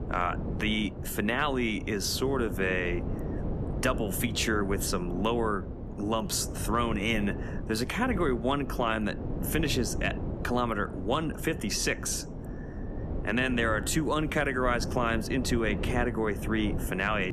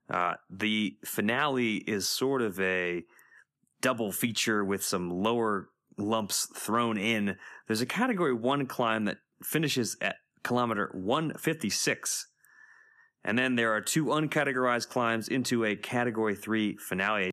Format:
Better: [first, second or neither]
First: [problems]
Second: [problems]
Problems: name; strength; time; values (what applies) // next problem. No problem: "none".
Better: second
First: wind noise on the microphone; occasional gusts; 10 dB below the speech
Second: none